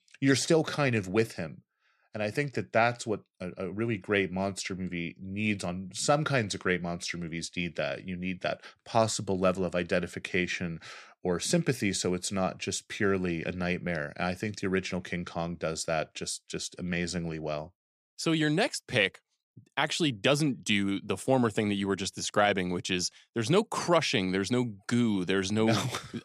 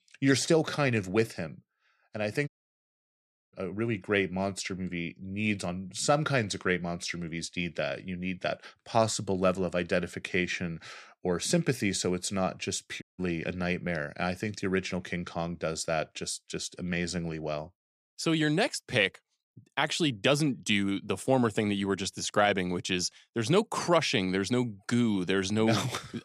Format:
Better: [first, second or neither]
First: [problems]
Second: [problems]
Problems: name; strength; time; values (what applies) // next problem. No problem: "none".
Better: first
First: none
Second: audio cutting out; at 2.5 s for 1 s and at 13 s